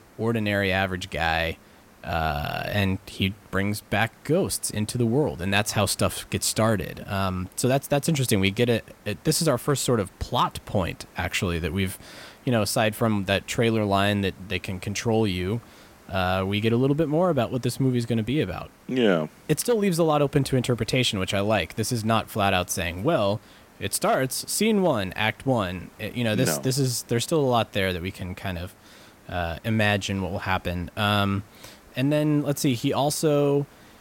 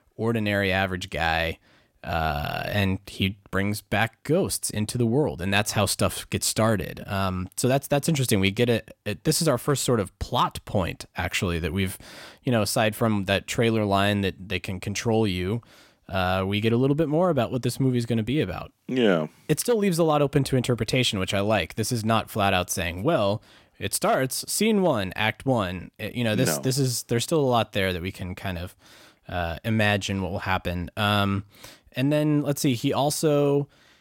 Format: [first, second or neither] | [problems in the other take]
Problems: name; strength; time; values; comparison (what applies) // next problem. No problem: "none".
second | hiss; faint; throughout; 25 dB below the speech